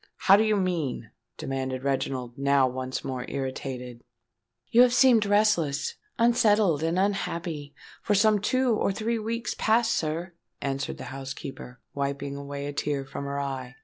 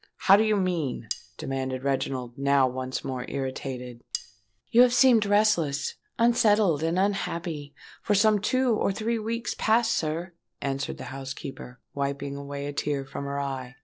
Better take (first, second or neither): first